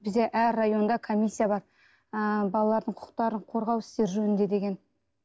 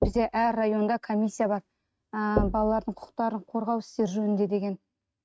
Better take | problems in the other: first | noise reduction (neural mask model RNNoise)

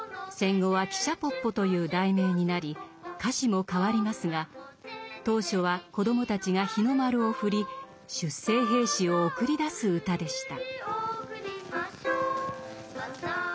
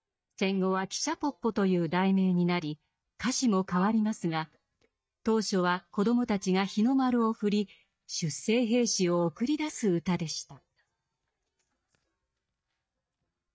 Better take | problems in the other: first | noise reduction (neural mask model DeepFilterNet 3)

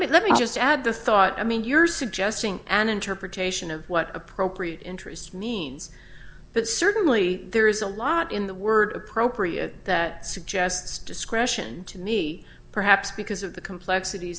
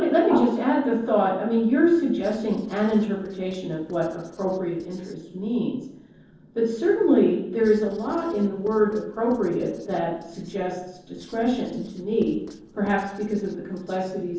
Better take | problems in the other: first | noise reduction (neural separator model SepFormer DNS4)

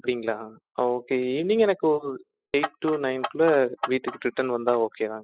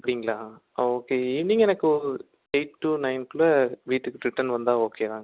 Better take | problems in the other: second | noise reduction (classical method spectral subtraction)

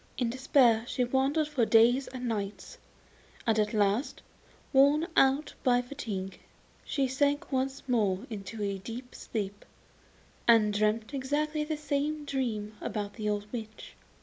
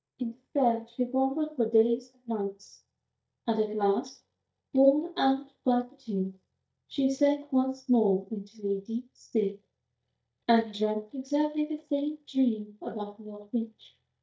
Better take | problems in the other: first | noise reduction (neural mask model DeepFilterNet 3)

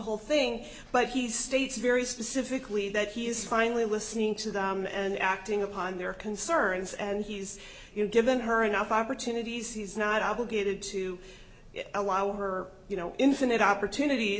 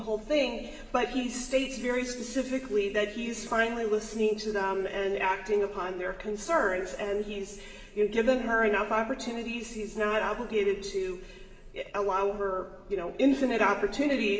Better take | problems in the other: first | room echo; dies away in 1.8 s

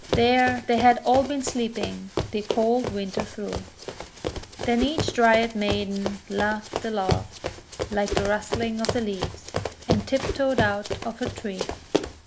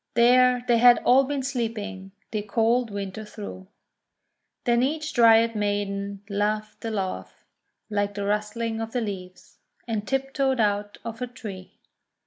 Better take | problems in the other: second | background sound (Run + Whoosh, swoosh, swish); 5 dB below the speech

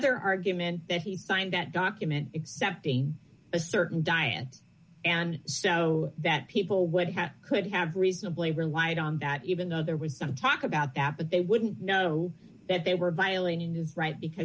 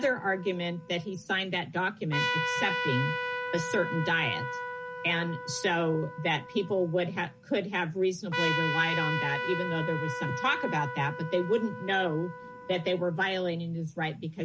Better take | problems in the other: first | background sound (Trumpet); 5 dB below the speech

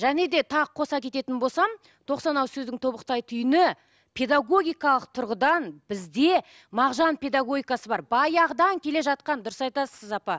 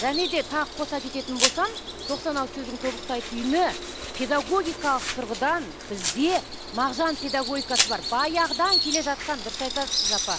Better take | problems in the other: first | background sound (Bird vocalization, bird call, bird song + Domestic sounds, home sounds); 3 dB below the speech

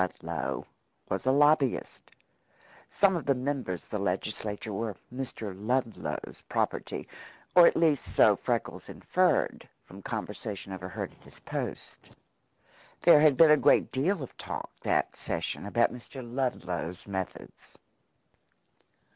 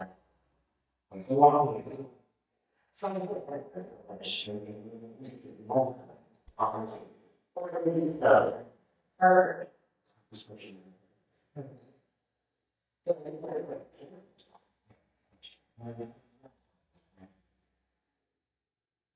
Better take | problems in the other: first | noise reduction (neural mask model DeepFilterNet 3)

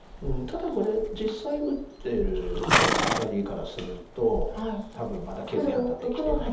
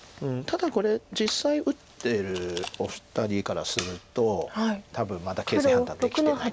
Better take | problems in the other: second | background sound (Livestock, farm animals, working animals); 1 dB below the speech // room echo; dies away in 0.8 s

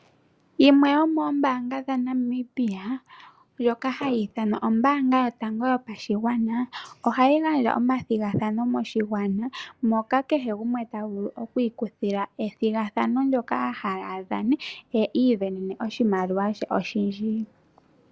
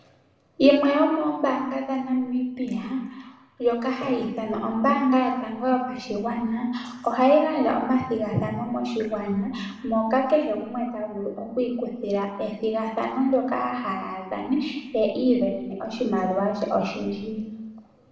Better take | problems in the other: first | room echo; dies away in 0.8 s

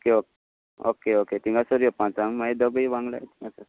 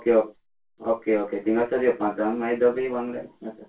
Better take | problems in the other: first | room echo; dies away in 0.2 s

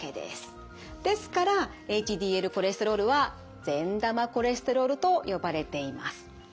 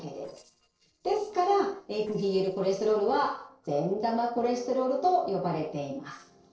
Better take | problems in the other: first | noise reduction (neural separator model SepFormer DNS4)

